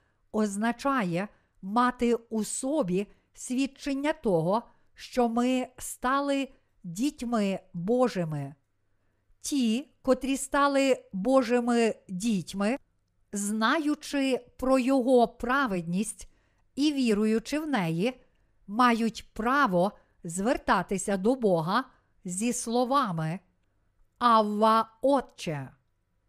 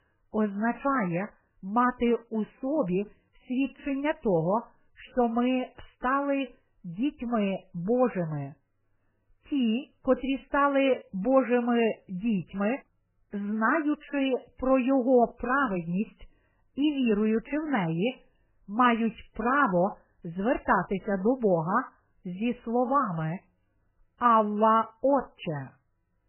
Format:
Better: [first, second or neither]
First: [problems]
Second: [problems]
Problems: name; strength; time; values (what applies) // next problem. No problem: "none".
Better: first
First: none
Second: garbled, watery; badly; nothing above 3 kHz